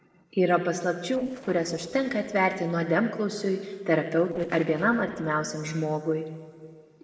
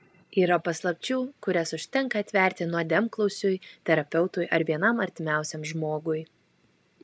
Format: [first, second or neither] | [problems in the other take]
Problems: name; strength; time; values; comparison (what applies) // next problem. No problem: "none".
second | noise reduction (neural separator model SepFormer DNS4)